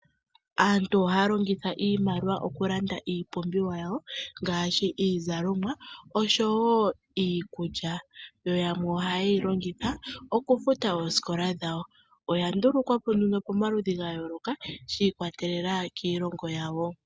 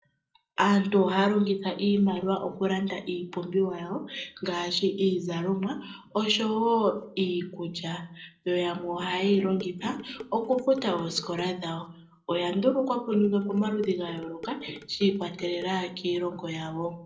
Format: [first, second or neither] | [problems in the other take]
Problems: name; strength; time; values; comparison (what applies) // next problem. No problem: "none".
first | noise reduction (neural separator model SepFormer DNS4)